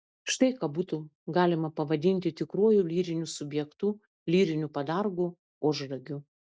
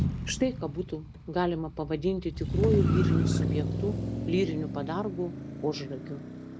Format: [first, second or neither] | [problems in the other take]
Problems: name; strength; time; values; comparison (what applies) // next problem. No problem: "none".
first | background sound (Motor vehicle (road)); 1 dB above the speech